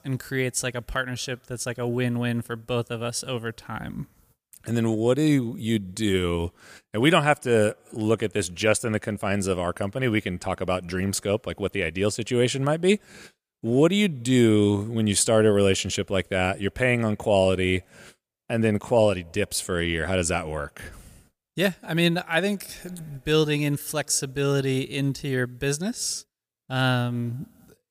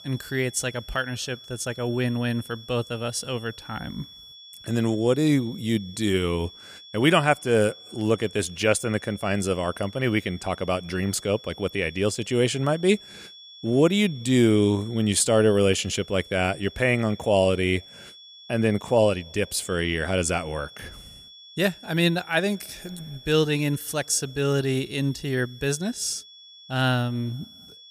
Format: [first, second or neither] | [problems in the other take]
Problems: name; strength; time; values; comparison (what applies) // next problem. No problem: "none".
first | high-pitched whine; noticeable; throughout; 3.5 kHz, 20 dB below the speech